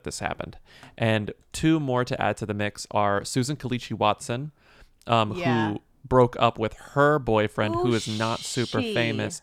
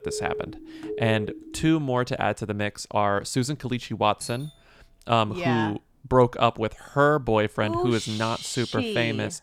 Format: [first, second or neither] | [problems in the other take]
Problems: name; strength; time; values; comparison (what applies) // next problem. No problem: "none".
first | siren; noticeable; until 1.5 s; peak 7 dB below the speech // doorbell; faint; at 4 s; peak 15 dB below the speech